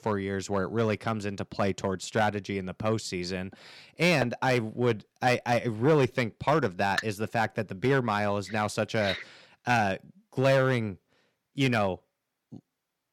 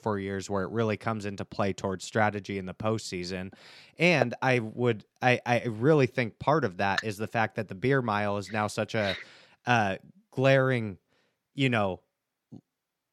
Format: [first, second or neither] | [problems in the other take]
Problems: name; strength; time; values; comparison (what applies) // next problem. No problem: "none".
second | distortion; slight; 2% of the sound clipped